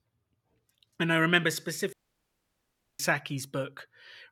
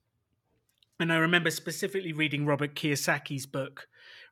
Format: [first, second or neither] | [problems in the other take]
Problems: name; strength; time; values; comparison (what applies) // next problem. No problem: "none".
second | audio cutting out; at 2 s for 1 s